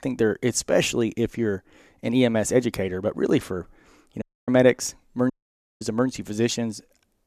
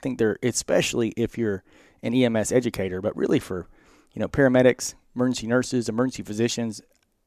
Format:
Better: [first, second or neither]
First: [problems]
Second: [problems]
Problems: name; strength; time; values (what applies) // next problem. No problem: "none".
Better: second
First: audio cutting out; at 4 s and at 5.5 s for 0.5 s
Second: none